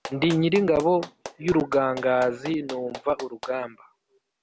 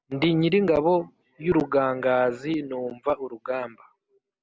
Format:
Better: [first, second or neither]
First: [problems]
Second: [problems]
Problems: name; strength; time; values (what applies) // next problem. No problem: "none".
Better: second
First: background sound (Clapping); 17 dB below the speech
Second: none